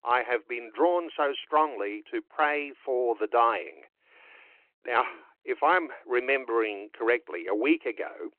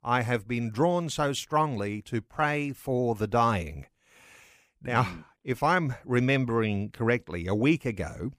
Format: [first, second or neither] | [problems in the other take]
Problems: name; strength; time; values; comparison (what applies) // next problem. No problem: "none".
second | phone-call audio